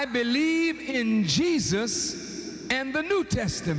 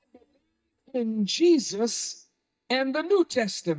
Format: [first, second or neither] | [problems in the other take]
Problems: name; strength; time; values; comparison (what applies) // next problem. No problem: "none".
first | noise reduction (neural mask model DeepFilterNet 3)